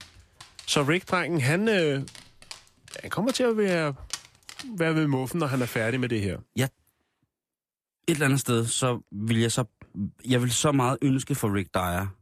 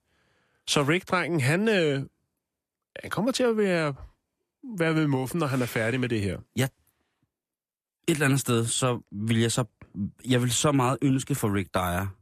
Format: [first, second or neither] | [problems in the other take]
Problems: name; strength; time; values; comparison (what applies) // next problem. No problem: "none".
second | dog barking; faint; until 4.5 s; peak 10 dB below the speech